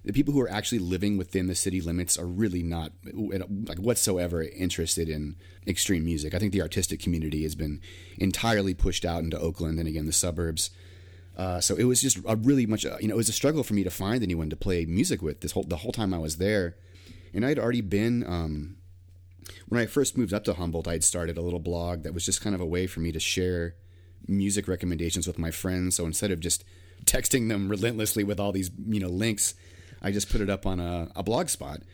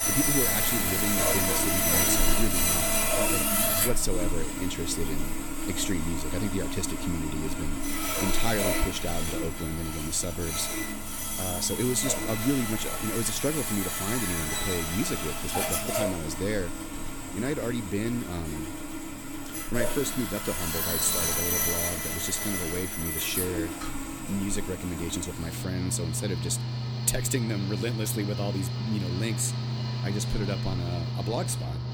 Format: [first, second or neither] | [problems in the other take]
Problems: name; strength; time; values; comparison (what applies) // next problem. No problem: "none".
first | machinery noise; very loud; throughout; 3 dB above the speech